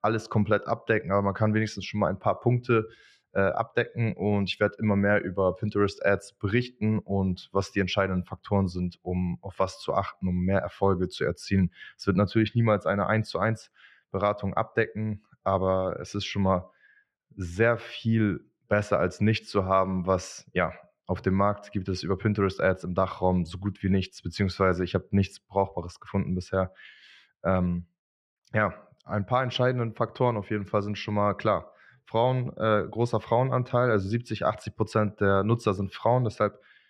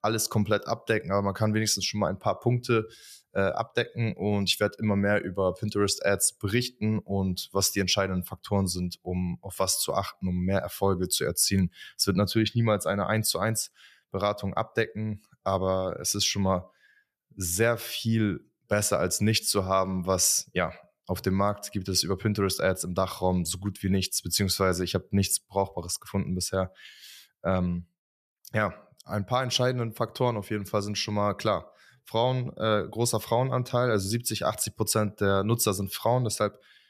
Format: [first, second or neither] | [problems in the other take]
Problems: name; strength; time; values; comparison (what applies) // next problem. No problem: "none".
second | muffled; very; fading above 2 kHz